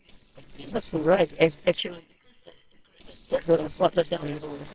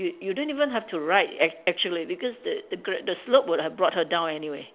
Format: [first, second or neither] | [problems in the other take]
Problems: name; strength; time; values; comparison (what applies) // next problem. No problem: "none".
second | noise reduction (neural separator model SepFormer WHAMR!)